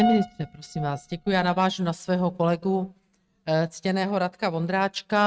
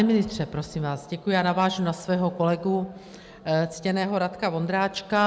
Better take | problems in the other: second | noise reduction (neural mask model RNNoise)

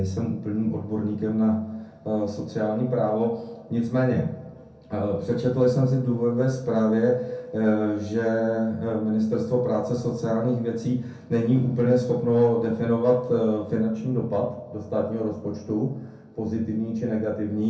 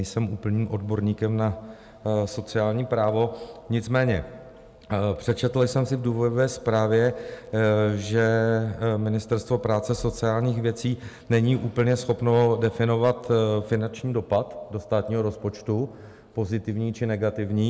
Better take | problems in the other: second | room echo; dies away in 0.5 s

